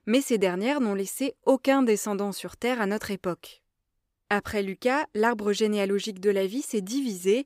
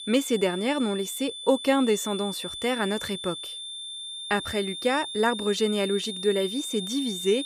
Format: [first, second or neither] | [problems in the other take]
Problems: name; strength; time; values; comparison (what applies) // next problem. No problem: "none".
first | high-pitched whine; loud; throughout; 3.5 kHz, 7 dB below the speech